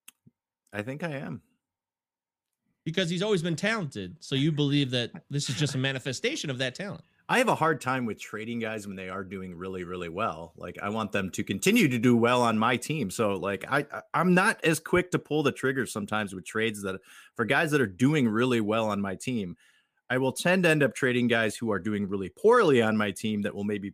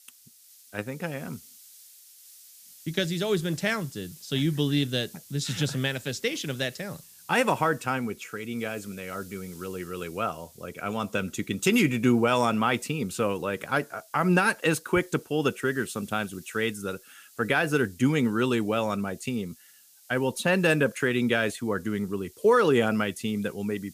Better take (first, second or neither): first